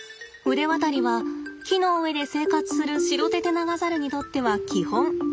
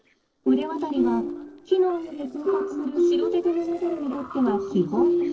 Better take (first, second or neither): first